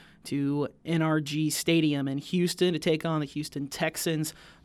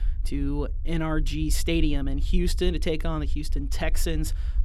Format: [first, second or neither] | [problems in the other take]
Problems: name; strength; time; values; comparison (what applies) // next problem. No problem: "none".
first | low rumble; faint; throughout; 20 dB below the speech